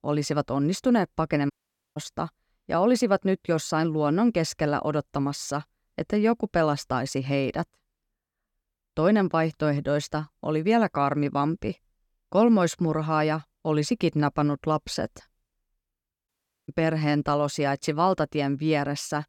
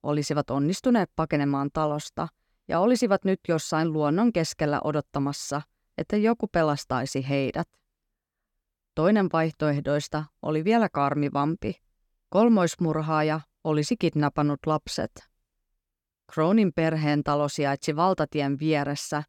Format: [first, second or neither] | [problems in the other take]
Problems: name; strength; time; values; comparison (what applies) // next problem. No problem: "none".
second | audio cutting out; at 1.5 s and at 16 s